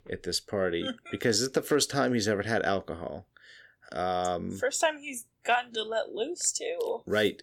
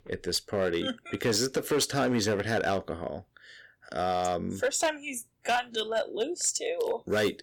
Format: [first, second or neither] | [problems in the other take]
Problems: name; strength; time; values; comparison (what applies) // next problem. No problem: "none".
first | distortion; slight; 6% of the sound clipped